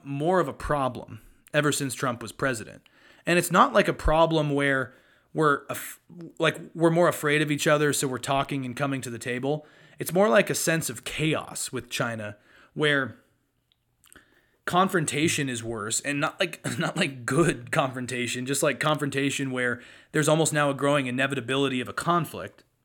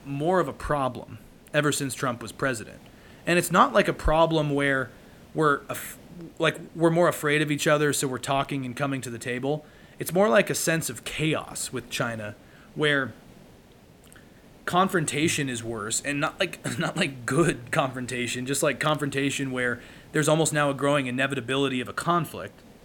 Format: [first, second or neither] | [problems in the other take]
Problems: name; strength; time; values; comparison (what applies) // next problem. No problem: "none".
first | hiss; faint; throughout; 25 dB below the speech